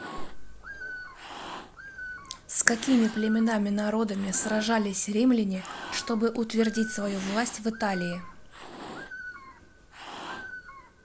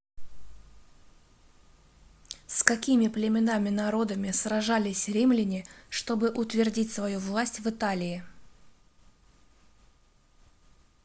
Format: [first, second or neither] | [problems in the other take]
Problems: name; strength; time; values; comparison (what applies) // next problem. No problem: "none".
second | background sound (Cat + Bird); 13 dB below the speech